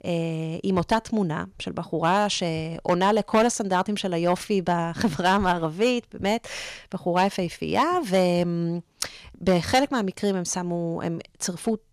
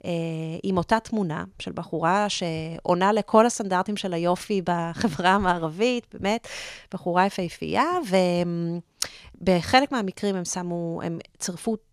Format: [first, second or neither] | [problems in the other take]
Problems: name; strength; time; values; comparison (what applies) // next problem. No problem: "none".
second | distortion; slight; 2% of the sound clipped